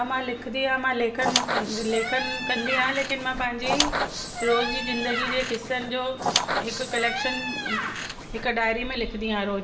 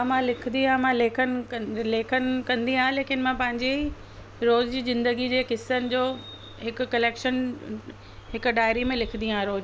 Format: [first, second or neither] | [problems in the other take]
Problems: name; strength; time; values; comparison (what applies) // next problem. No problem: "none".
second | background sound (Squeak); 1 dB below the speech // room echo; dies away in 2 s